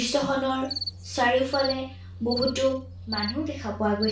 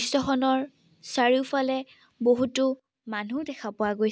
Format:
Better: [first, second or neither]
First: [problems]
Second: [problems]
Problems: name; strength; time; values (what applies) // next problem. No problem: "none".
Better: second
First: background sound (Cricket); 9 dB below the speech // room echo; dies away in 0.3 s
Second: none